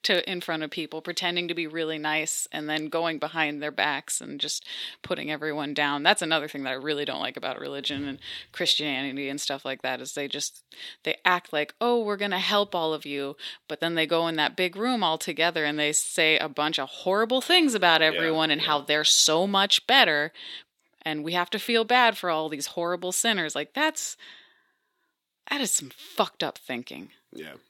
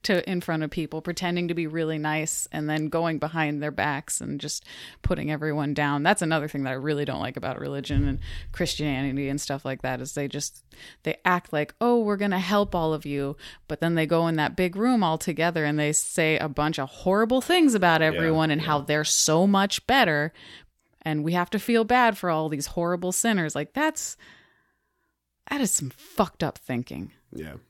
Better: second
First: thin; very slightly; fading below 300 Hz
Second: none

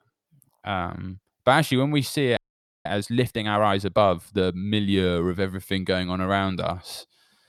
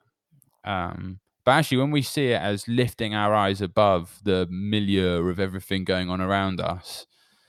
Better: second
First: audio freezing; at 2.5 s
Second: none

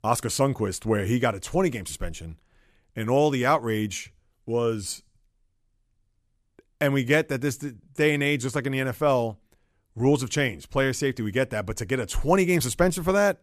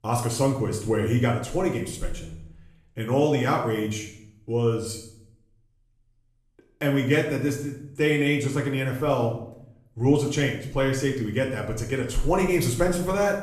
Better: first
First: none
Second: room echo; noticeable; dies away in 0.6 s // off-mic speech; far

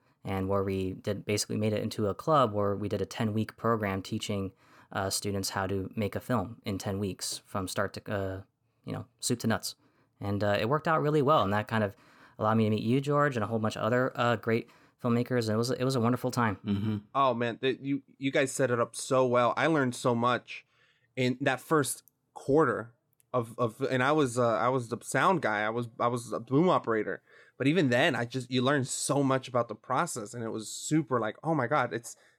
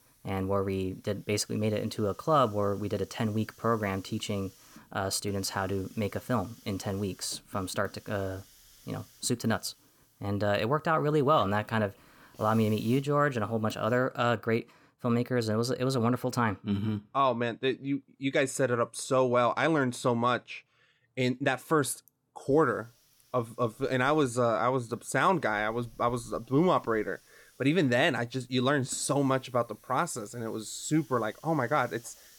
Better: first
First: none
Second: hiss; faint; until 14 s and from 23 s on; 25 dB below the speech

